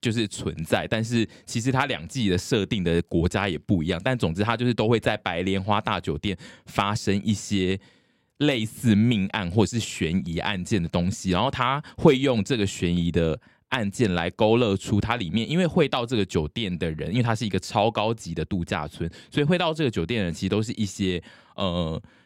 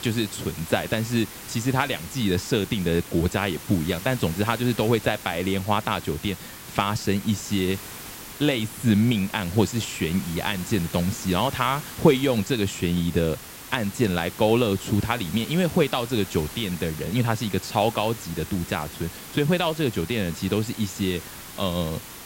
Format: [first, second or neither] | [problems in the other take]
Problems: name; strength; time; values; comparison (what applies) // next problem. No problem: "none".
first | hiss; noticeable; throughout; 15 dB below the speech